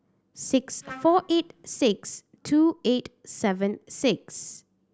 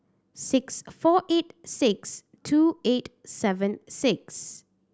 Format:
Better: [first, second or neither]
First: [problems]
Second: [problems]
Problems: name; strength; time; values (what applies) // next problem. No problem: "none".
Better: second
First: background sound (Trumpet); 19 dB below the speech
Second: none